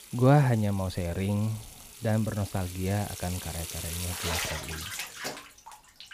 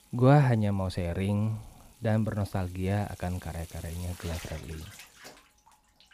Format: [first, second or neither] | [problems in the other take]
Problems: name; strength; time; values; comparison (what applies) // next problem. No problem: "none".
second | household noises; loud; throughout; 8 dB below the speech; faint in the second